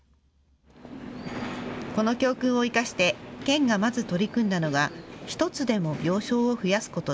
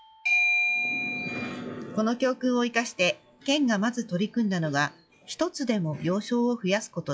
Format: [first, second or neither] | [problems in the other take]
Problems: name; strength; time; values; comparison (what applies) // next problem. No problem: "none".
first | noise reduction (classical method log-MMSE)